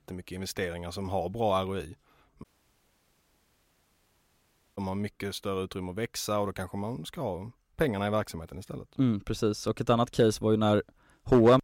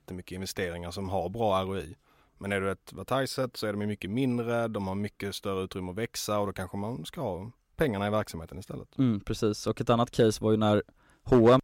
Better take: second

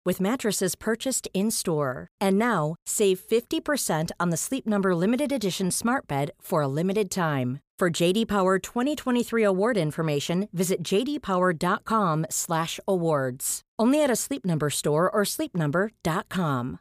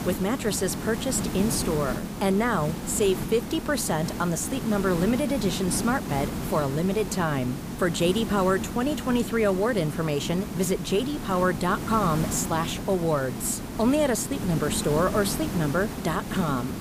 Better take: first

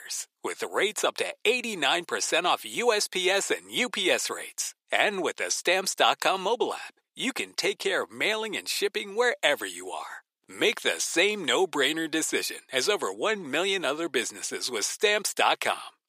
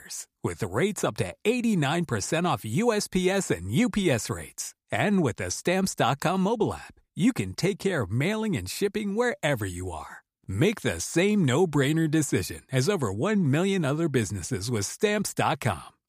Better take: second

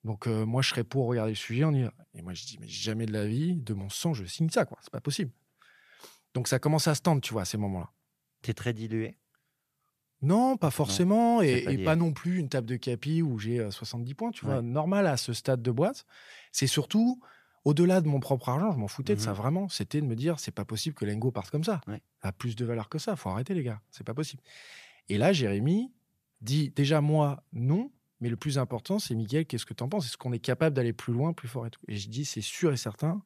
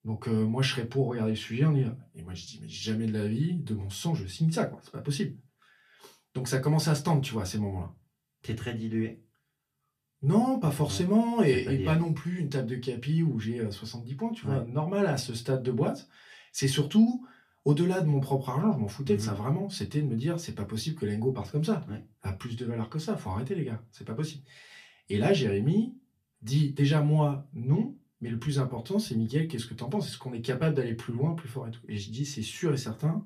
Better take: first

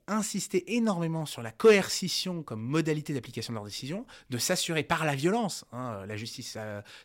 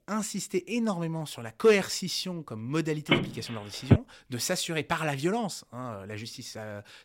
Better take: first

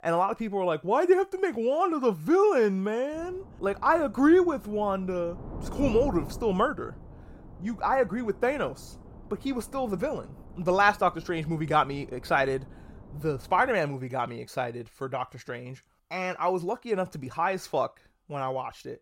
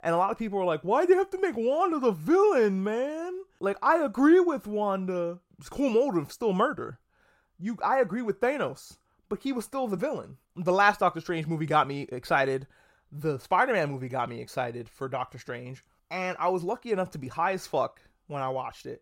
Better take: second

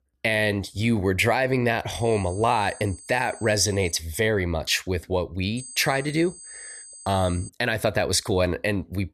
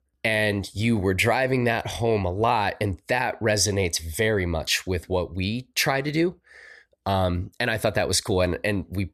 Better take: second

